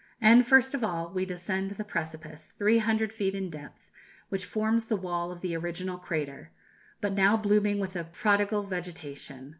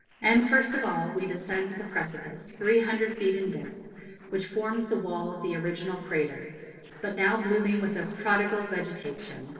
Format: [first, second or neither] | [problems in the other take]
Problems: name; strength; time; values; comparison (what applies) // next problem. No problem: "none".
first | noise reduction (neural separator model SepFormer DNS4)